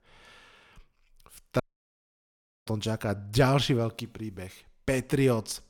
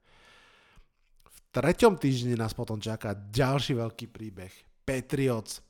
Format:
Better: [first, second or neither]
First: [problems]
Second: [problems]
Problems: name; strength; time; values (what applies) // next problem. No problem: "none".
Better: second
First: audio cutting out; at 1.5 s for 1 s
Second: none